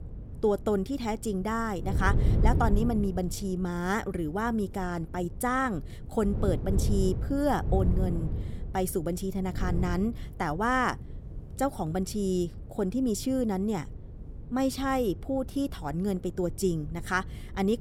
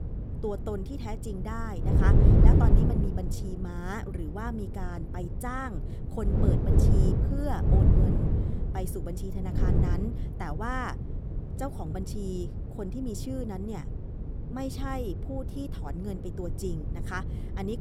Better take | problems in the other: first | wind noise on the microphone; heavy; 1 dB below the speech; occasional gusts in the first

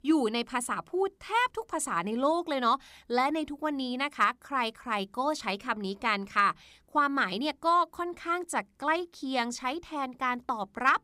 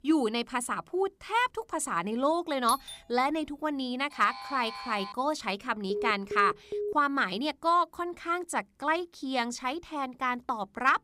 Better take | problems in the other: first | doorbell; noticeable; at 2.5 s; peak 8 dB below the speech // alarm; noticeable; from 4 to 5 s; peak 9 dB below the speech // phone ringing; noticeable; from 6 to 7 s; peak 5 dB below the speech

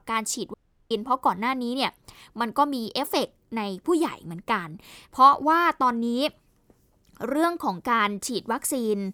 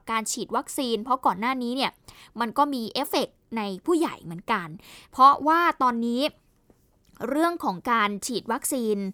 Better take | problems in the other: second | audio cutting out; at 0.5 s

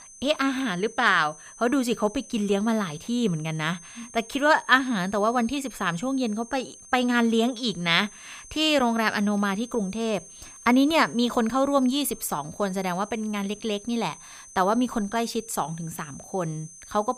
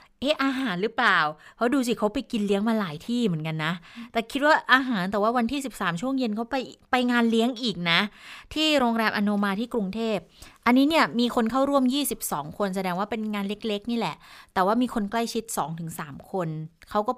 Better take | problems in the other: second | high-pitched whine; noticeable; throughout; 6.5 kHz, 20 dB below the speech

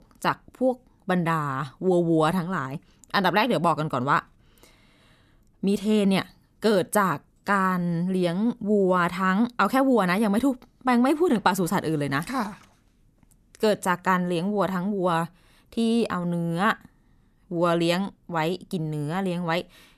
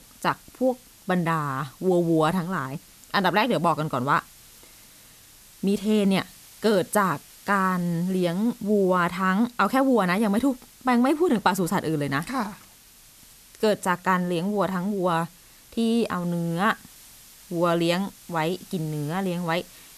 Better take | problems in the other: first | hiss; faint; throughout; 25 dB below the speech

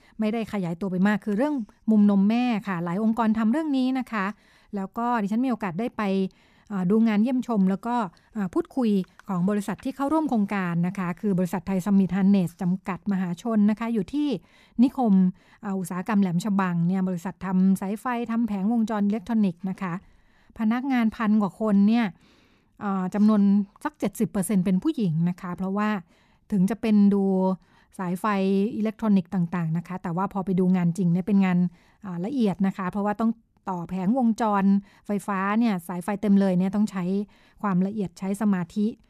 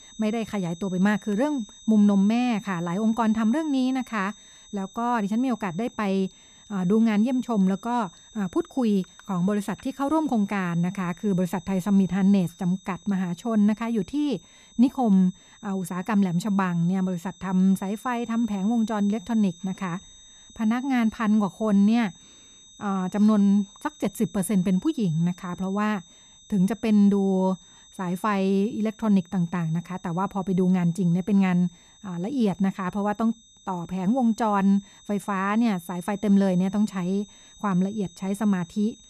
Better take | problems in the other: first | high-pitched whine; faint; throughout; 3.5 kHz, 25 dB below the speech

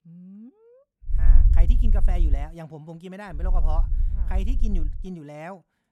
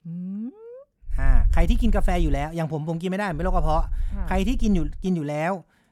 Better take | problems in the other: second | low rumble; loud; from 1 to 2.5 s and from 3.5 to 5 s; 8 dB below the speech; faint in the second

